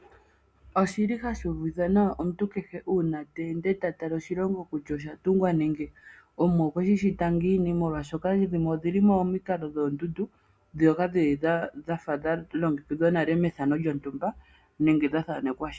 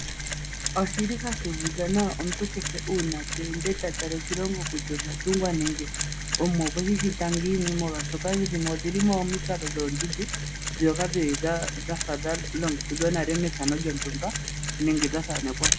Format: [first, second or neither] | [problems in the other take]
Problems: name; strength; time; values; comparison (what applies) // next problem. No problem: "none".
first | background sound (Mechanisms); 3 dB below the speech